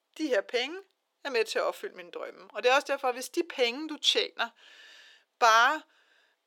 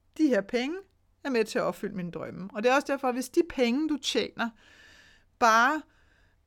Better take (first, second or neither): second